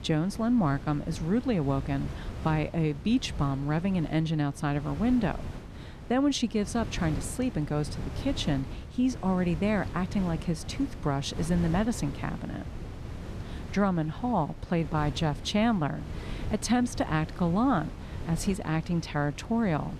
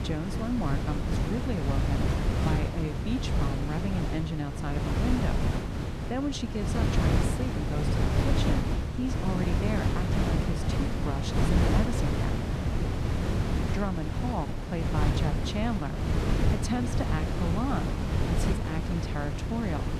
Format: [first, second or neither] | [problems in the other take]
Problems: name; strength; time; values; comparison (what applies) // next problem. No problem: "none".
first | wind noise on the microphone; heavy; 2 dB above the speech; occasional gusts in the first